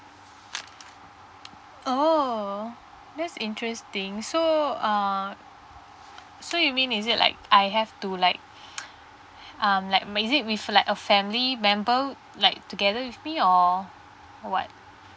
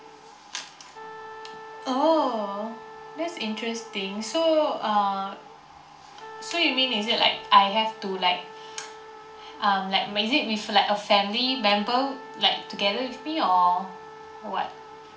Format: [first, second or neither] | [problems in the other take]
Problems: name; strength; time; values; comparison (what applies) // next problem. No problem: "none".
first | background sound (Wind instrument, woodwind instrument); 18 dB below the speech // room echo; dies away in 0.4 s